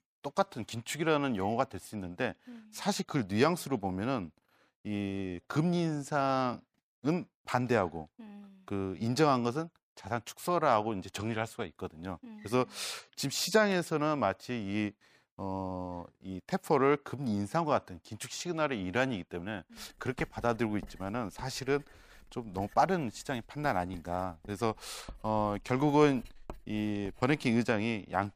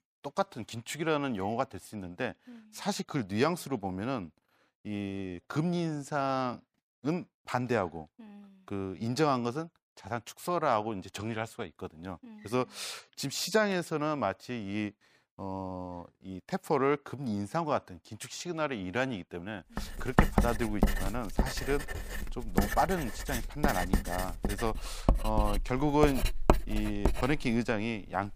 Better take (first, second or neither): first